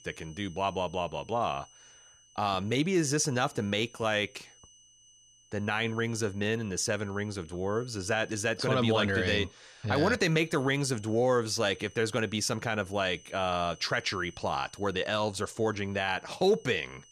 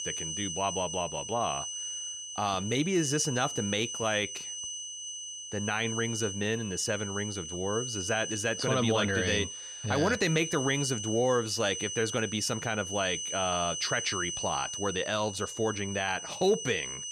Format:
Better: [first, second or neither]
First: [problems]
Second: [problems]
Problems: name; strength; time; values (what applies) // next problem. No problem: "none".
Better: first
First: high-pitched whine; faint; throughout; 6 kHz, 25 dB below the speech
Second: high-pitched whine; loud; throughout; 6 kHz, 5 dB below the speech